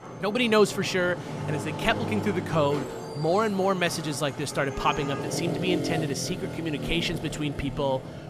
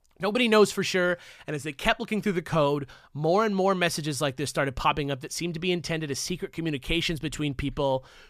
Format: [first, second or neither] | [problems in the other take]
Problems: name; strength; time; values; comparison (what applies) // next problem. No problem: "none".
second | traffic noise; loud; throughout; 7 dB below the speech